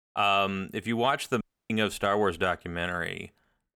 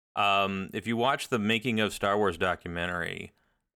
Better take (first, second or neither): second